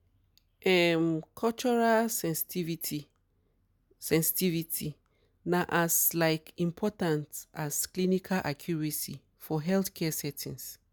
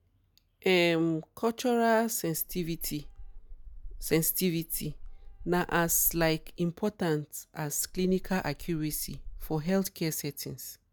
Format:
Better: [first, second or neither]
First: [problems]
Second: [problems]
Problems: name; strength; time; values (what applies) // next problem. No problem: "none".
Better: first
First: none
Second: background sound (Meow); 13 dB below the speech